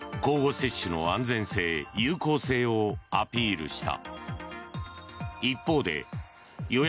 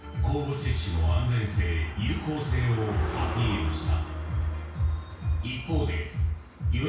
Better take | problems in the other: first | background sound (Car passing by); 14 dB below the speech // room echo; dies away in 0.6 s

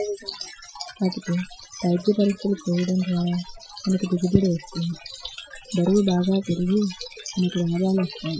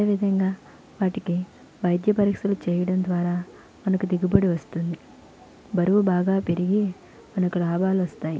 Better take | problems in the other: second | noise reduction (classical method Wiener filter)

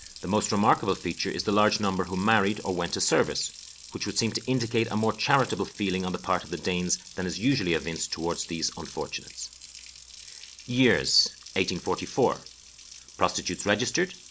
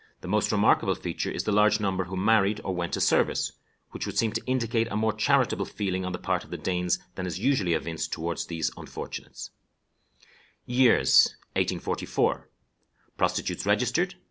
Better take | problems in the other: second | background sound (Water tap, faucet); 18 dB below the speech

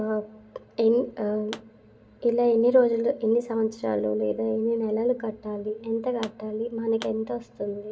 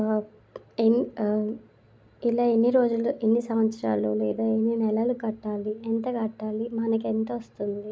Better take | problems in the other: second | background sound (Explosion); 19 dB below the speech // room echo; dies away in 0.3 s

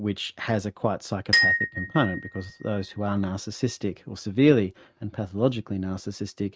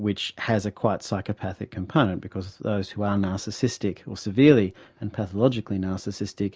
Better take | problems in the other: second | noise reduction (neural mask model RNNoise)

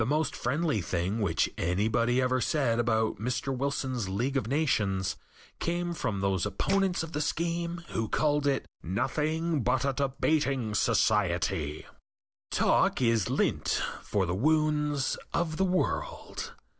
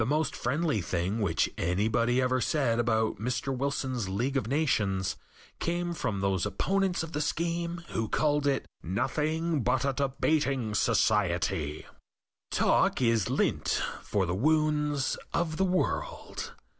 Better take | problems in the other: second | noise reduction (neural separator model SepFormer DNS4)

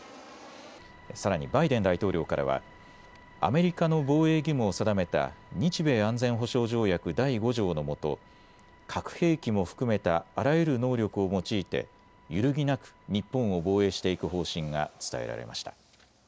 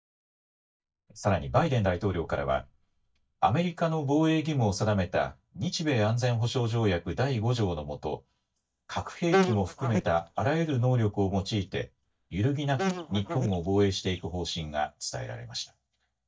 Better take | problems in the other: first | noise reduction (neural mask model DeepFilterNet 3)

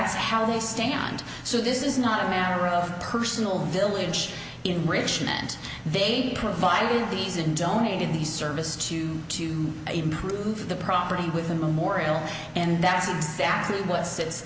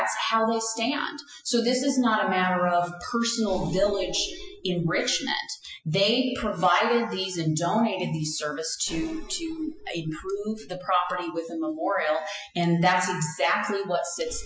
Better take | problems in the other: first | noise reduction (classical method Wiener filter)

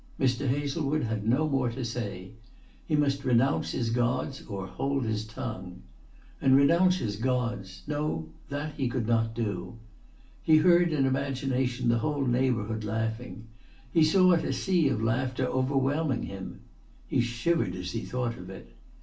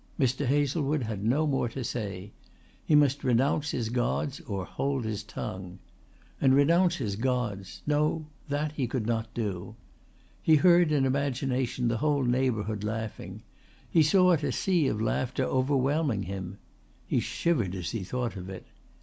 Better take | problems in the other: second | room echo; dies away in 0.3 s

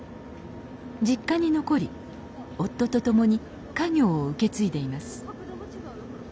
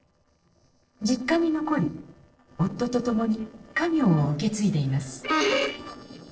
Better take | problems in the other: first | noise reduction (neural separator model SepFormer DNS4)

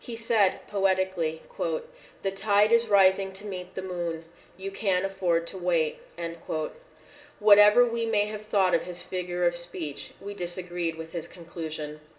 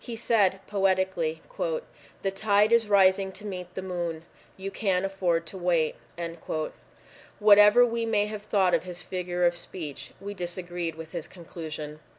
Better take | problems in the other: second | room echo; dies away in 1.8 s

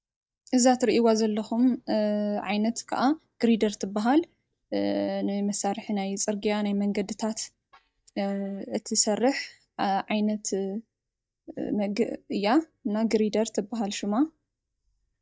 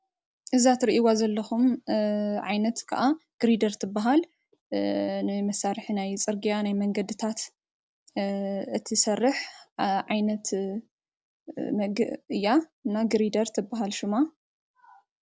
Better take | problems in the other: second | noise reduction (neural mask model DeepFilterNet 3)

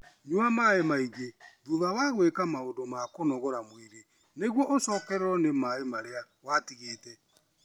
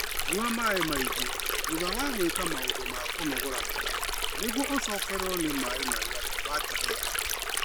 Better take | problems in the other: first | background sound (Stream); 3 dB above the speech

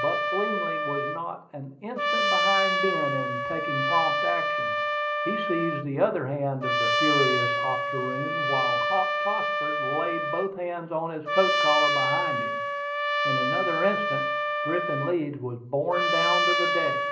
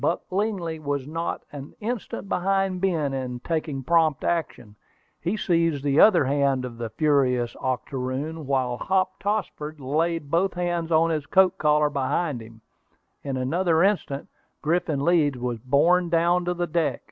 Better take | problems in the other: second | background sound (Trumpet); 3 dB above the speech // room echo; dies away in 0.5 s

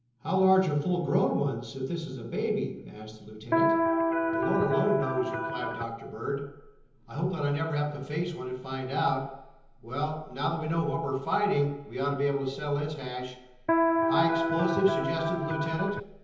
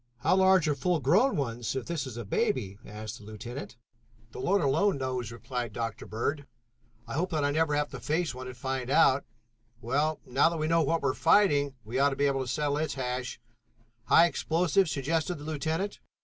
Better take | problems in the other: second | background sound (Electric guitar); 2 dB above the speech // room echo; dies away in 0.9 s

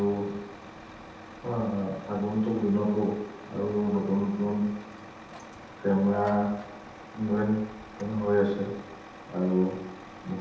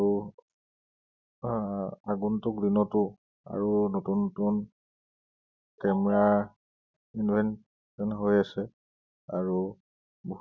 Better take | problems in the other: second | background sound (Truck); 16 dB below the speech // room echo; dies away in 0.9 s

